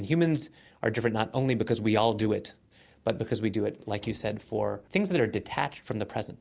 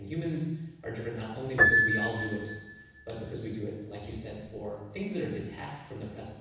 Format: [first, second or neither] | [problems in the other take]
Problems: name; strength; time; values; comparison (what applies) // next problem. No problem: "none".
first | background sound (Piano); 3 dB above the speech // room echo; dies away in 1.1 s